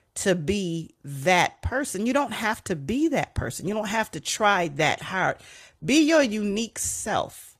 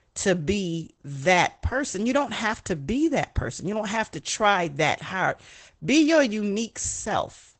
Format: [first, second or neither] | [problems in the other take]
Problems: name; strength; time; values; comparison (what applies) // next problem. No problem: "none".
first | garbled, watery; badly; nothing above 8 kHz; slightly in the first